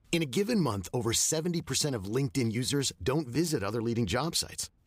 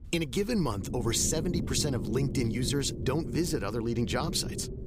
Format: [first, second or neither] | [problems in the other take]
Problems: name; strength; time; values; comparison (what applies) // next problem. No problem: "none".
first | low rumble; noticeable; throughout; 10 dB below the speech